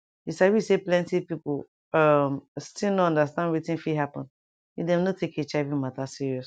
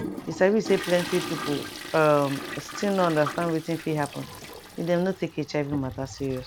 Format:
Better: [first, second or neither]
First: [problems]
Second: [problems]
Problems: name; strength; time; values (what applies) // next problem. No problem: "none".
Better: first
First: none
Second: background sound (Toilet flush); 11 dB below the speech